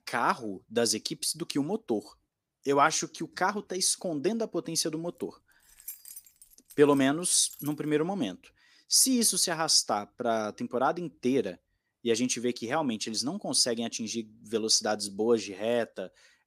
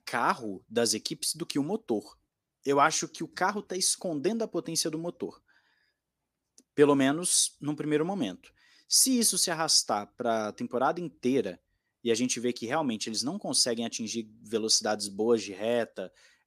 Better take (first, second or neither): second